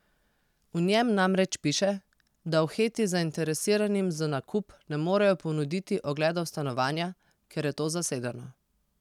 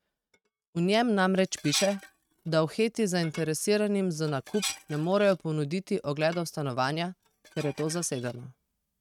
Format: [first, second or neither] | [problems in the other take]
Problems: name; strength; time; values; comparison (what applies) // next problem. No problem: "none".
first | noise reduction (neural mask model RNNoise)